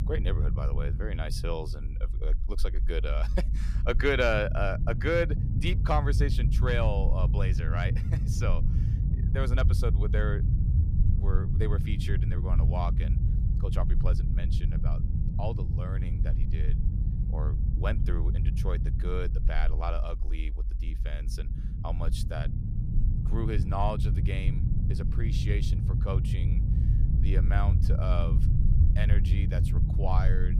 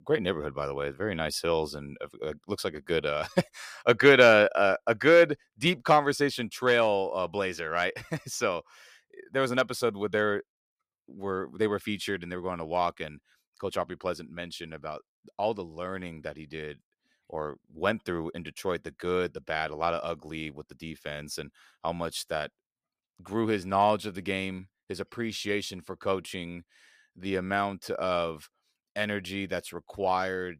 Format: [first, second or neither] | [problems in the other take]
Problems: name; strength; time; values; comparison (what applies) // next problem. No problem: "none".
second | low rumble; loud; throughout; 8 dB below the speech